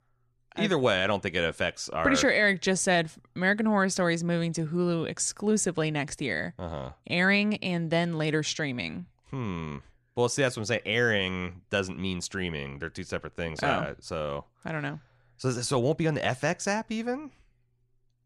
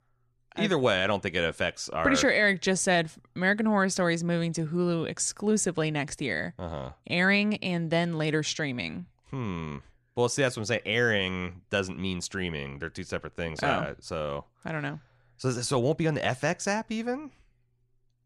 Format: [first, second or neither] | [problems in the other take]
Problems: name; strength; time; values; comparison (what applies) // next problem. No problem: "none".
neither | none